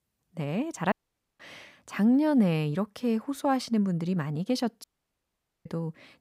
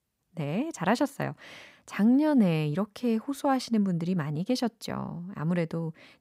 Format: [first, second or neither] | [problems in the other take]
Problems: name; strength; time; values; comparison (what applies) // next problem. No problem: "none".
second | audio cutting out; at 1 s and at 5 s for 1 s